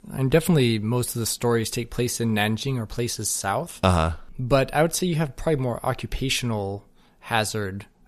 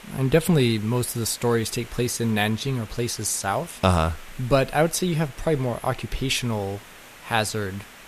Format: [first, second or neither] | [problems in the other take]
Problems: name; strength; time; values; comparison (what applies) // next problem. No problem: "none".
first | hiss; noticeable; throughout; 20 dB below the speech